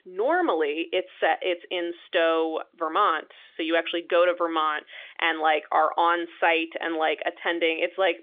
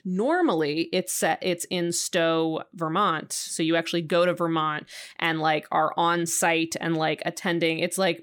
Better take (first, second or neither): second